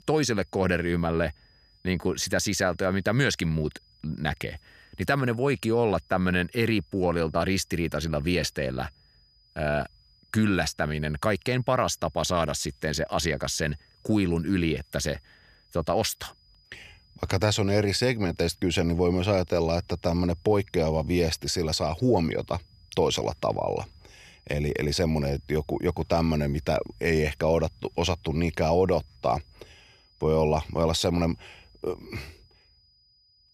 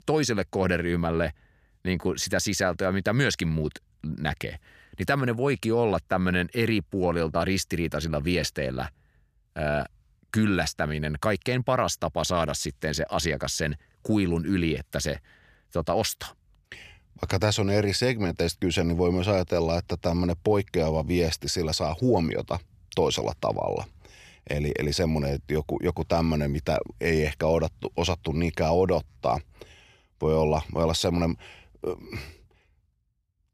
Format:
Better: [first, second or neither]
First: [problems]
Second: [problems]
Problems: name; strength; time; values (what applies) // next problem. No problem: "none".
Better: second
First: high-pitched whine; faint; throughout; 5 kHz, 35 dB below the speech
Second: none